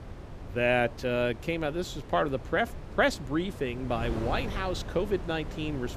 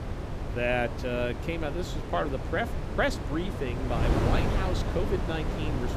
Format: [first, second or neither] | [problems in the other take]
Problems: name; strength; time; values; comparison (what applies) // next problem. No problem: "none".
first | wind noise on the microphone; heavy; 5 dB below the speech; occasional gusts in the first